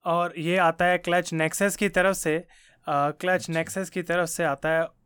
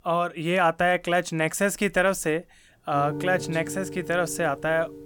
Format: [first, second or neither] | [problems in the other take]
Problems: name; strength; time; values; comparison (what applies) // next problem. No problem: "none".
first | background music; noticeable; throughout; 10 dB below the speech